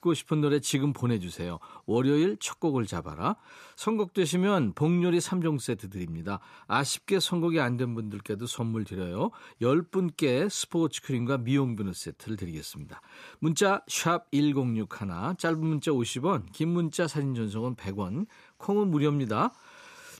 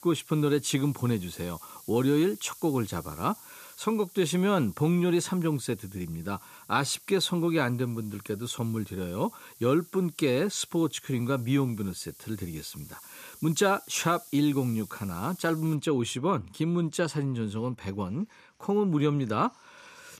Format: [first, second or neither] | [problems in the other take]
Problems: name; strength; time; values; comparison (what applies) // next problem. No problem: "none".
first | hiss; noticeable; until 16 s; 20 dB below the speech